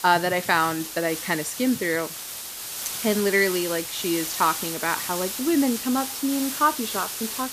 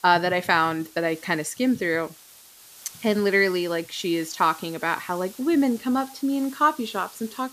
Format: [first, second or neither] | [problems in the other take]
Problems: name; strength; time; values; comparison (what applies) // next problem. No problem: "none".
second | hiss; loud; throughout; 5 dB below the speech; faint in the second